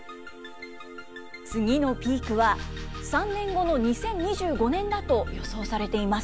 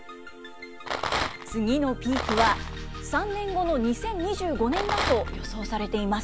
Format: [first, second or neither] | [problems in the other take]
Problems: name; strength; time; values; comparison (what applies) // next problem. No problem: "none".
first | background sound (Rattle); 2 dB below the speech